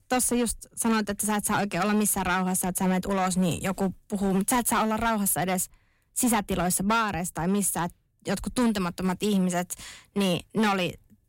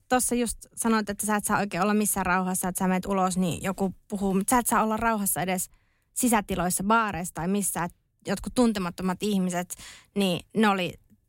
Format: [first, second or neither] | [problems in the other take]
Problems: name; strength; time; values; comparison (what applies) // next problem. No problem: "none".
second | distortion; slight; 8% of the sound clipped